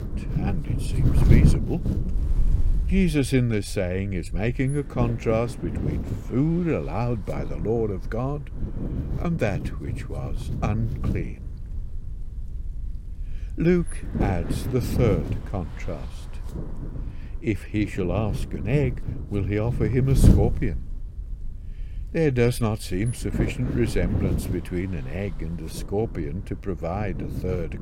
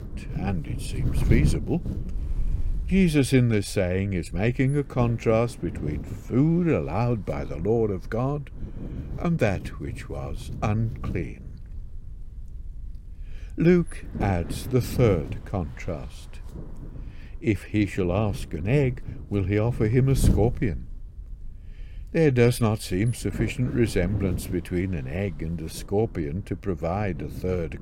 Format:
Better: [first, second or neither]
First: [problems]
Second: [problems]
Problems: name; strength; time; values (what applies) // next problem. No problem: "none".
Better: second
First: wind noise on the microphone; heavy; 7 dB below the speech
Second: wind noise on the microphone; occasional gusts; 15 dB below the speech